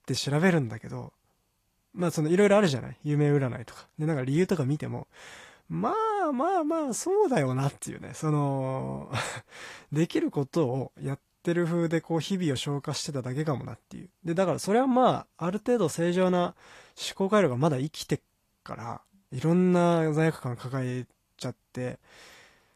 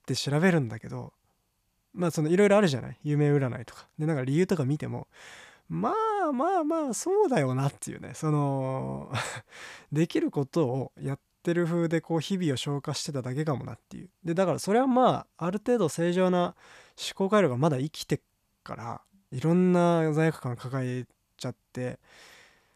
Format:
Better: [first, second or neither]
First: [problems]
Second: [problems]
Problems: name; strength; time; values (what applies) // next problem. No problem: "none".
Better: second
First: garbled, watery; slightly; nothing above 14.5 kHz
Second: none